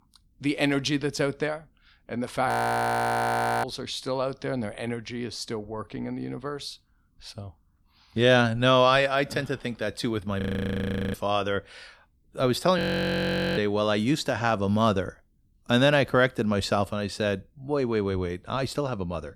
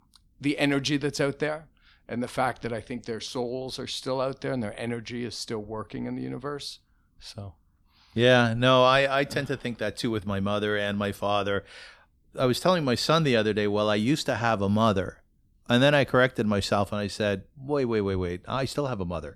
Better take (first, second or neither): second